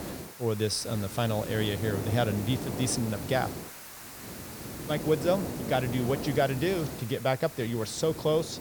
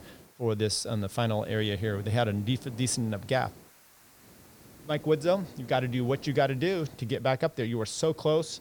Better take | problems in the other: second | hiss; loud; throughout; 8 dB below the speech; faint in the second

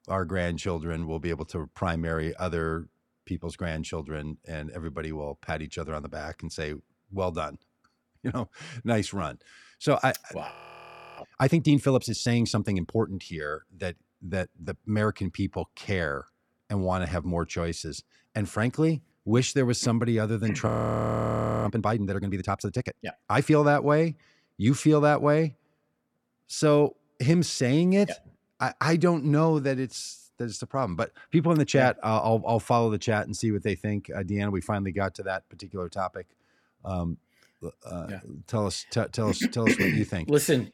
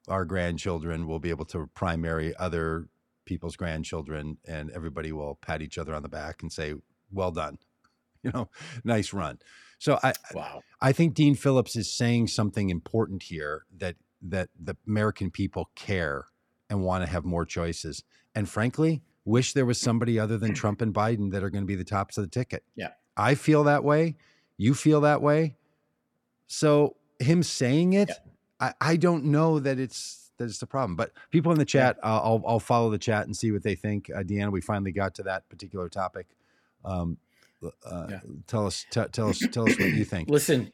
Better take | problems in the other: second | audio freezing; at 11 s for 0.5 s and at 21 s for 1 s

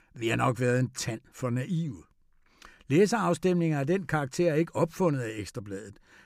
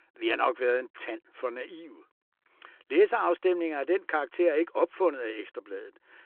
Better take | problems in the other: first | phone-call audio

